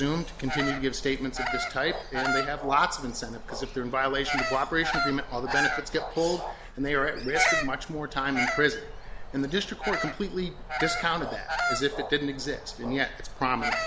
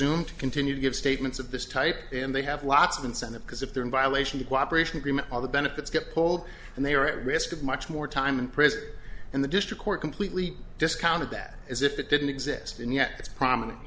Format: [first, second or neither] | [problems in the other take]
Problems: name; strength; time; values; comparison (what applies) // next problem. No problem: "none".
second | background sound (Bird vocalization, bird call, bird song); 4 dB below the speech